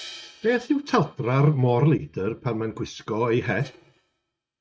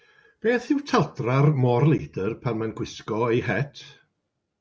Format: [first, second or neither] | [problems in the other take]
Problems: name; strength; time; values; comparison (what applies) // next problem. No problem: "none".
second | noise reduction (neural mask model RNNoise)